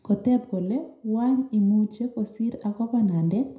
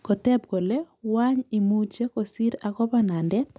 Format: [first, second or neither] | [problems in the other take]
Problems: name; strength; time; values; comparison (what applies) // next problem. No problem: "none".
second | room echo; dies away in 0.4 s